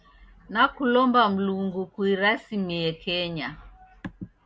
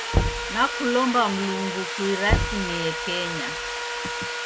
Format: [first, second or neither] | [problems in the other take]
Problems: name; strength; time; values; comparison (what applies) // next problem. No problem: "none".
first | background sound (Sawing + Knock); as loud as the speech